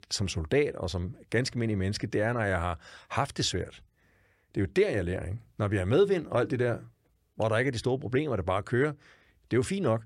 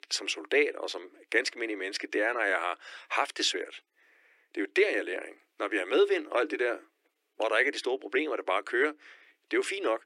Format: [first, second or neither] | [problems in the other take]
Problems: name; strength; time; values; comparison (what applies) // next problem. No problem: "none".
first | thin; very; fading below 300 Hz